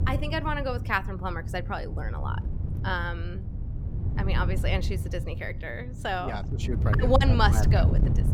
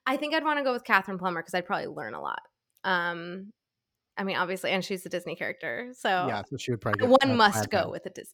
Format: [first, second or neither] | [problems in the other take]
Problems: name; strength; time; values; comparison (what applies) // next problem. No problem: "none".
second | wind noise on the microphone; occasional gusts; 10 dB below the speech